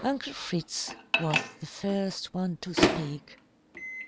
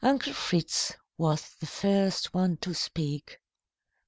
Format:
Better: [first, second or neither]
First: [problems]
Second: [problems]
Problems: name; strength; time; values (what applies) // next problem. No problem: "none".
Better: second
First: background sound (Microwave oven); as loud as the speech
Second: none